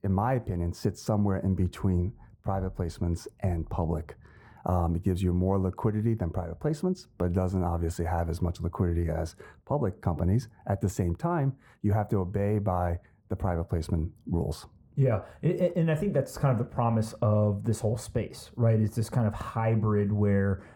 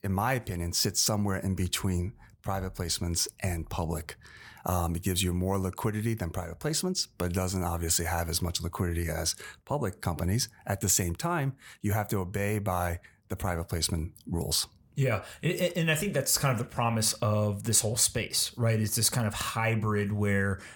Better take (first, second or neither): second